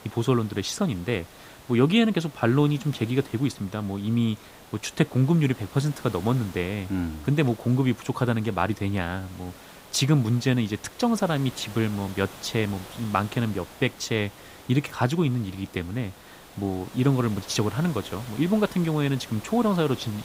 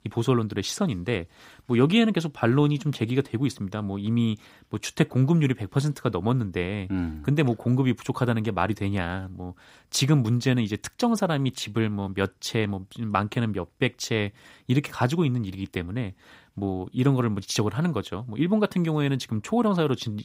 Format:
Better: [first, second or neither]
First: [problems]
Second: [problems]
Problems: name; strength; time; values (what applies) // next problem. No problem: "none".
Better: second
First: hiss; noticeable; throughout; 20 dB below the speech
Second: none